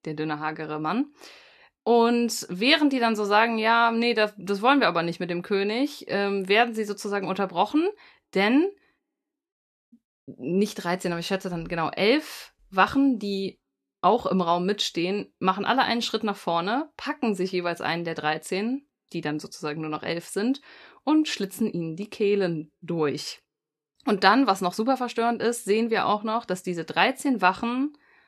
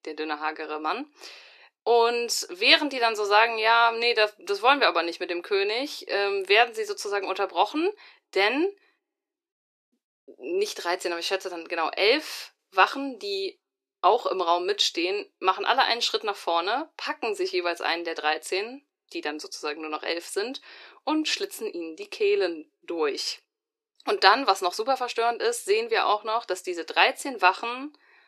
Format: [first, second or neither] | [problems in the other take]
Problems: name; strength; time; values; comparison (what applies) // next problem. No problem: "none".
first | thin; somewhat; fading below 350 Hz